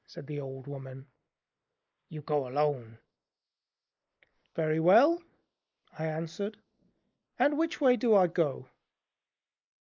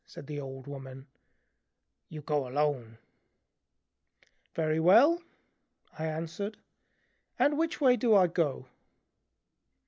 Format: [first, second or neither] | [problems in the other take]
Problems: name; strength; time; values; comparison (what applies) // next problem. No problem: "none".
second | noise reduction (neural mask model Resemble Enhance denoiser)